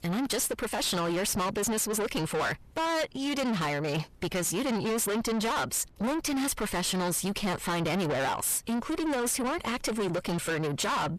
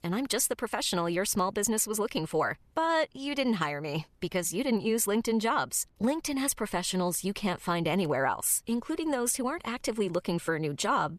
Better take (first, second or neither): second